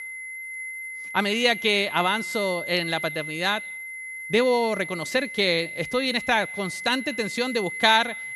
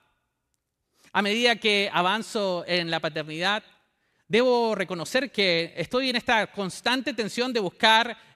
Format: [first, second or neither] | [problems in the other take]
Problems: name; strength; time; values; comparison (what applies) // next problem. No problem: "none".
second | high-pitched whine; loud; throughout; 2 kHz, 9 dB below the speech